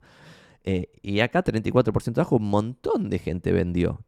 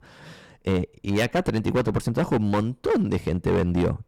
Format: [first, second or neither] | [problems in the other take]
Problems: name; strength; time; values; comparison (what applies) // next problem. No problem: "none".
first | distortion; heavy; 11% of the sound clipped